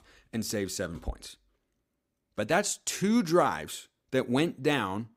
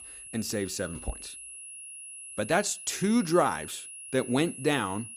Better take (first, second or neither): first